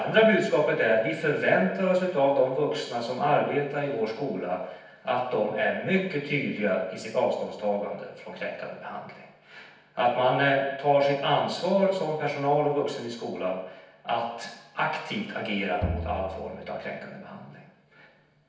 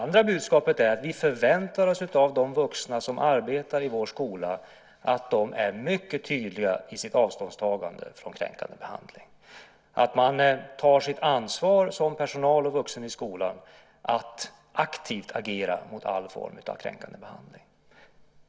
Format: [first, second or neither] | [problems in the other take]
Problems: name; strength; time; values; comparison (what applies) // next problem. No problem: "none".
second | background sound (Bowed string instrument); 9 dB below the speech // room echo; dies away in 0.9 s